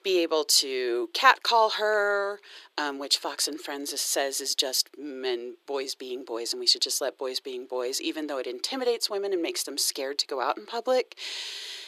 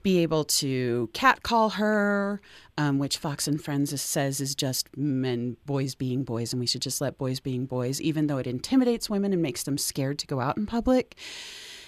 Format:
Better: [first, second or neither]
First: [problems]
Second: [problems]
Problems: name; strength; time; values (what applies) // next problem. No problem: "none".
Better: second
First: thin; very; fading below 350 Hz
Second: none